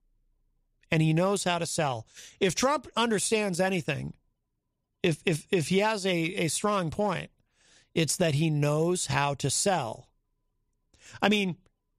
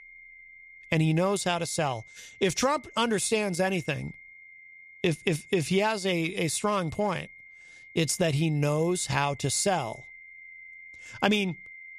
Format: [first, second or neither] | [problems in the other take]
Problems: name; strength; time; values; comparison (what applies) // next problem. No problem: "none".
first | high-pitched whine; noticeable; throughout; 2 kHz, 20 dB below the speech